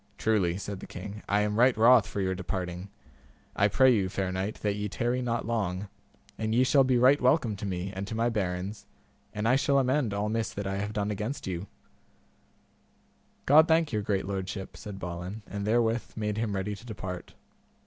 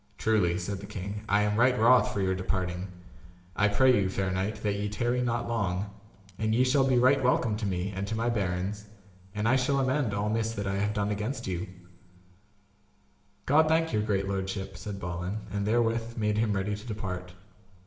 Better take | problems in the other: first | room echo; dies away in 1 s

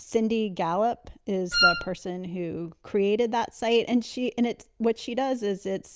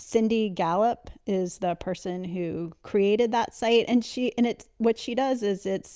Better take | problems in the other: second | background sound (Wind instrument, woodwind instrument); 3 dB above the speech

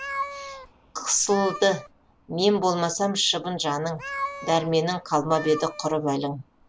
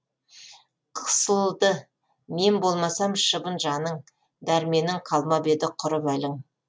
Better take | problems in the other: second | background sound (Meow); 13 dB below the speech

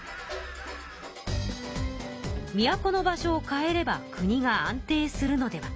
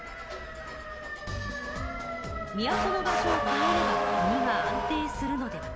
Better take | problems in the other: first | background sound (Motor vehicle (road) / Siren); 4 dB above the speech

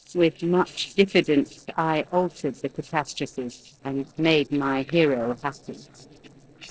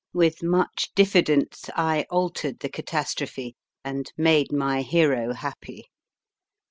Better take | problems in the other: second | noise reduction (neural separator model SepFormer DNS4)

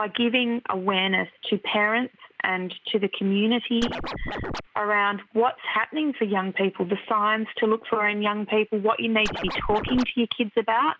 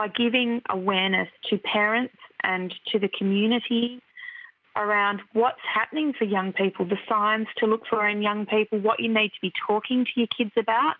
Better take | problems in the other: second | background sound (Scratching (performance technique)); 6 dB below the speech

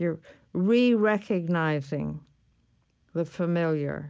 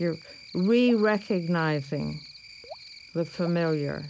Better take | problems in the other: first | background sound (Raindrop / Drip + Cricket); 19 dB below the speech

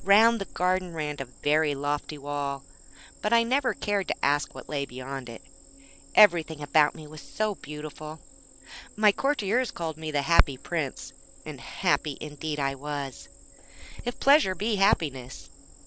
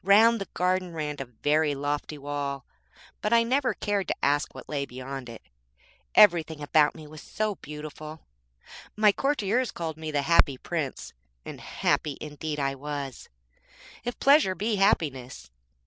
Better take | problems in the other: second | background sound (Cricket); 18 dB below the speech

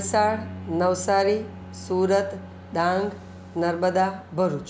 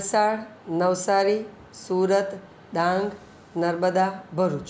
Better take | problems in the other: second | background sound (Bowed string instrument); 15 dB below the speech

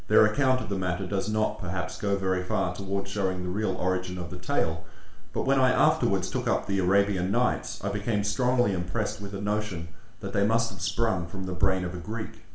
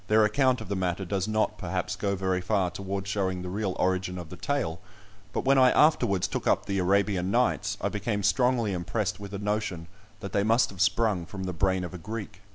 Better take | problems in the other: second | background sound (Cowbell); 14 dB below the speech // room echo; dies away in 0.5 s

